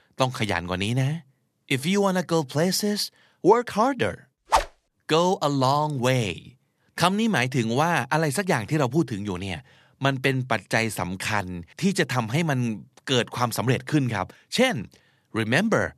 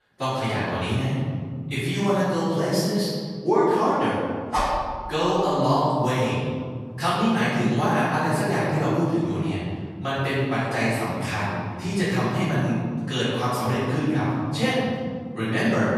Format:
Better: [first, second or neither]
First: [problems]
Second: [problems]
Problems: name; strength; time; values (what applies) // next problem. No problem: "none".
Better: first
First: none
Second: off-mic speech; far // room echo; strong; dies away in 2.1 s